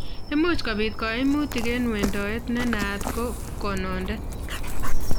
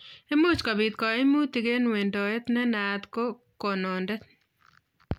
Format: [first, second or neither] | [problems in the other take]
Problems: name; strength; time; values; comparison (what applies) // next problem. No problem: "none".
second | background sound (Dog); 4 dB above the speech